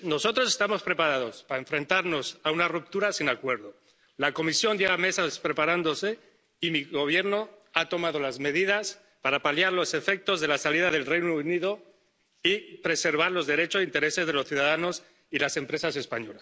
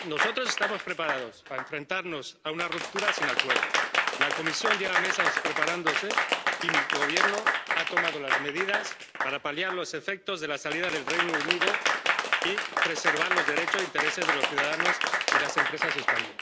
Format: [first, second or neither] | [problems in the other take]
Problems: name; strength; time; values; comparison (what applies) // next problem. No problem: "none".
first | background sound (Applause / Crowd); 5 dB above the speech